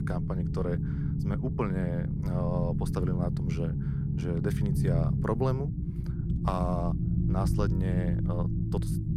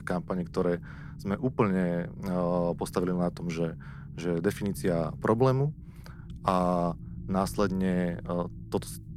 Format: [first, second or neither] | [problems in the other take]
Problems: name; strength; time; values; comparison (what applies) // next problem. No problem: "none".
second | low rumble; loud; throughout; 4 dB below the speech; faint in the second